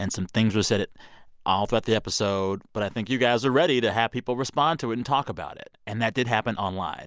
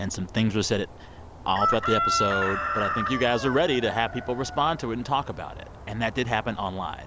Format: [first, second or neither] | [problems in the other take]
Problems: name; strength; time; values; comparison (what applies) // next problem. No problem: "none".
first | background sound (Chicken, rooster); 5 dB below the speech